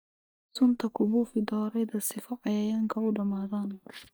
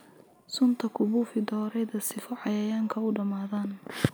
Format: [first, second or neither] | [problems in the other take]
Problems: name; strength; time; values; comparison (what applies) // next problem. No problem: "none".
second | noise reduction (neural mask model DeepFilterNet 3)